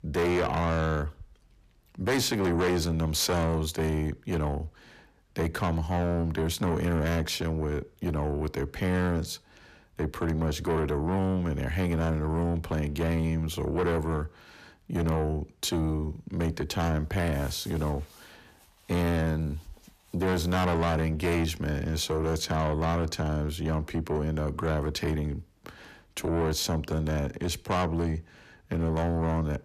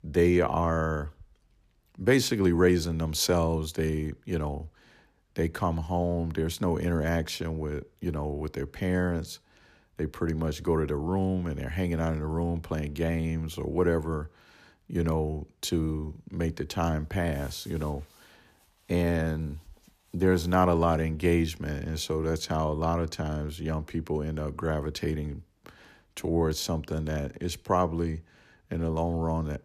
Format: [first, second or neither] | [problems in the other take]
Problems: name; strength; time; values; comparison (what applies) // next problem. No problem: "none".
second | distortion; heavy; 8 dB below the speech